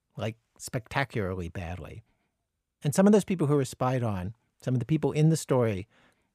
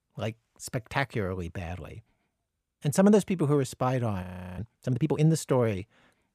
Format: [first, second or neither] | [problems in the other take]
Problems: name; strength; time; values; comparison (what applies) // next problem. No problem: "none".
first | audio freezing; at 4 s